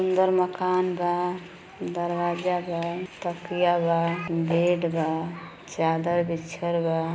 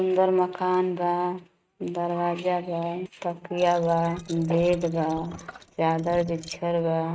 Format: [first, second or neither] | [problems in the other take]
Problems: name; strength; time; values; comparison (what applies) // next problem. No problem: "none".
first | noise reduction (neural mask model RNNoise)